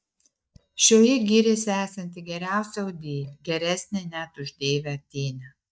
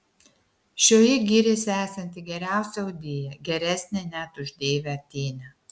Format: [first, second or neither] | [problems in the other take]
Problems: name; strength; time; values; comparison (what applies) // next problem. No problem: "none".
second | noise reduction (neural mask model DeepFilterNet 3)